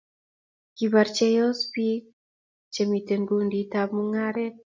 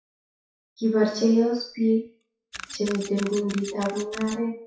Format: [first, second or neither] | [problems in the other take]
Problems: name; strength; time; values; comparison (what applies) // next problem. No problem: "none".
first | noise reduction (classical method WPE with log-MMSE)